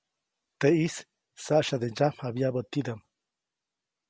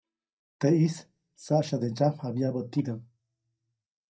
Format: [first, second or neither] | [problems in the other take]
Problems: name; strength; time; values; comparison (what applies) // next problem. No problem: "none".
first | noise reduction (neural mask model DeepFilterNet 3)